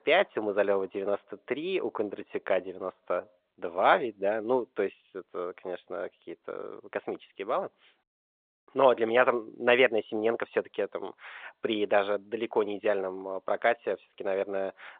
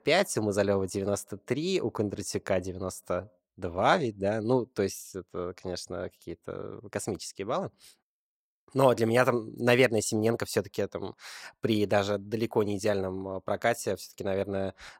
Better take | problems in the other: second | phone-call audio; nothing above 3.5 kHz

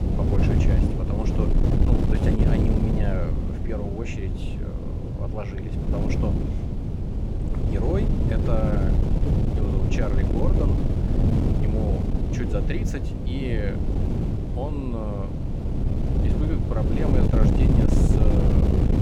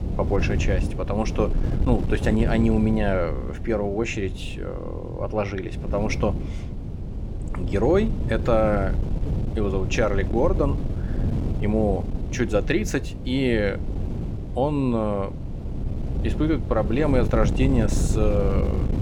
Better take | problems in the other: second | wind noise on the microphone; heavy; 2 dB above the speech; occasional gusts in the second

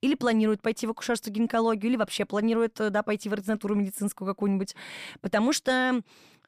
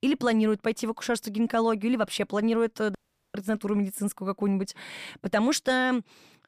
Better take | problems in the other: first | audio cutting out; at 3 s

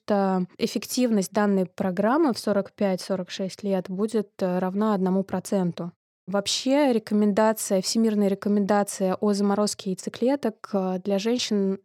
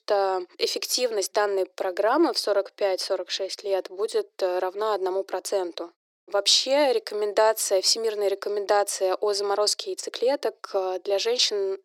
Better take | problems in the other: first | thin; very; fading below 350 Hz

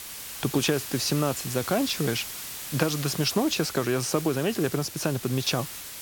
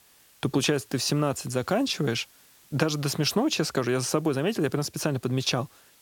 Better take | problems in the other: second | hiss; loud; throughout; 8 dB below the speech; faint in the second

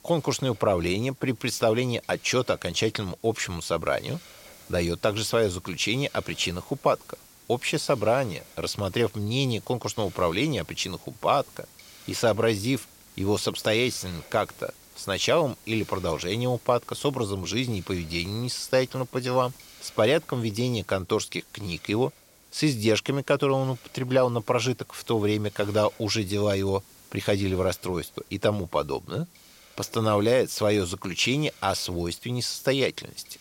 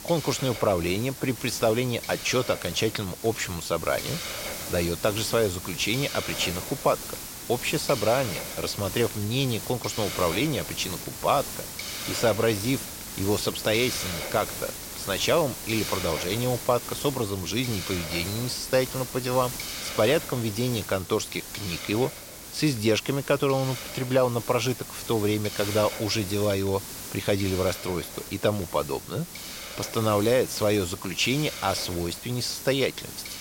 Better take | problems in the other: first | hiss; loud; throughout; 8 dB below the speech; faint in the first

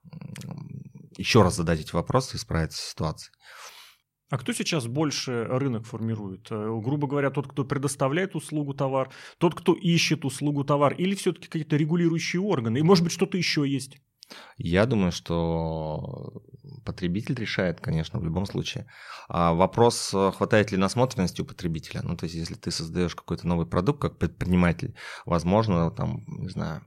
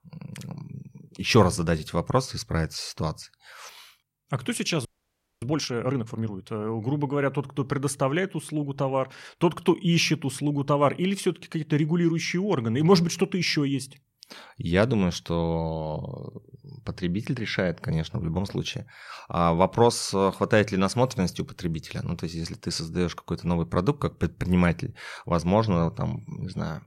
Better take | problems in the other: first | audio freezing; at 5 s for 0.5 s

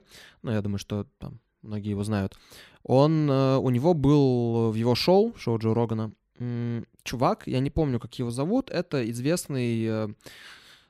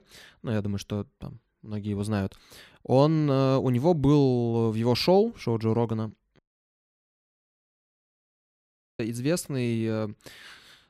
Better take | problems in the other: first | audio cutting out; at 6.5 s for 2.5 s

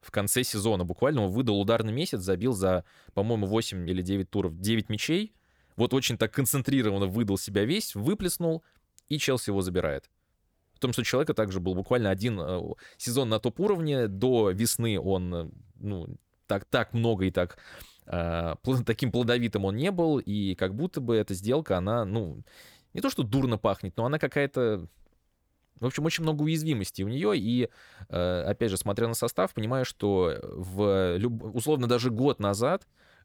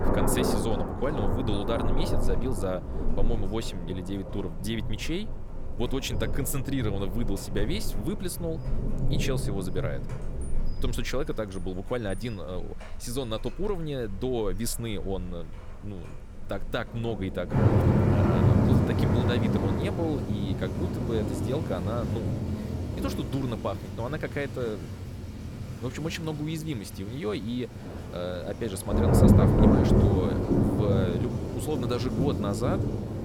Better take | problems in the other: first | rain or running water; very loud; throughout; 5 dB above the speech

